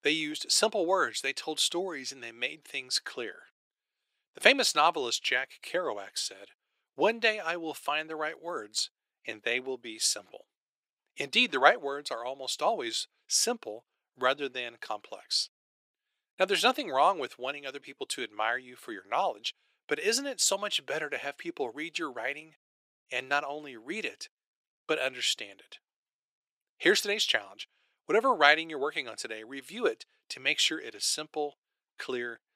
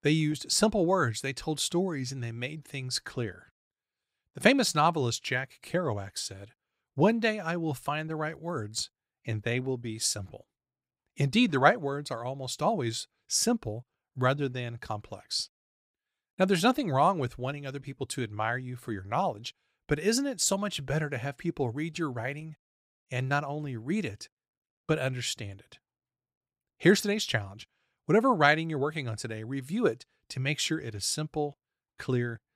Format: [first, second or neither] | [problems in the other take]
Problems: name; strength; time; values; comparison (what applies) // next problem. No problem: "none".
second | thin; somewhat; fading below 350 Hz